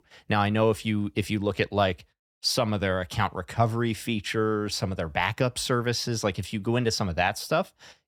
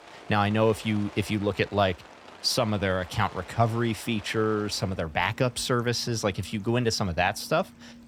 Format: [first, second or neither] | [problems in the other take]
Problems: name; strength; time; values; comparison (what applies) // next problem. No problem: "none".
first | rain or running water; faint; throughout; 20 dB below the speech